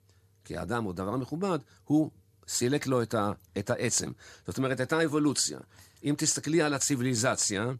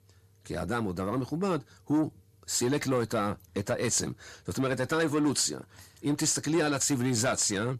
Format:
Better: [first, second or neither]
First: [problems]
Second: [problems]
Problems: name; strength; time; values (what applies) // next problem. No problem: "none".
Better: first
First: none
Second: distortion; slight; 10 dB below the speech